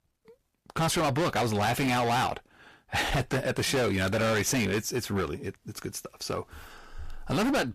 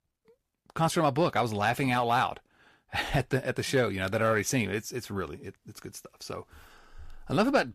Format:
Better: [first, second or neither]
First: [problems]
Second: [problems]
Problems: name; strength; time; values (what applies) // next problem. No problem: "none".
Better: second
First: distortion; heavy; 20% of the sound clipped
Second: none